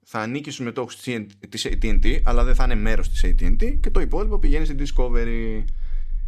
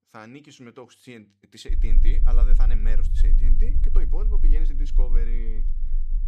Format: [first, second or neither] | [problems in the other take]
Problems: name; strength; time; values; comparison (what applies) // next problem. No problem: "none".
first | low rumble; loud; from 1.5 s on; 7 dB below the speech; faint in the first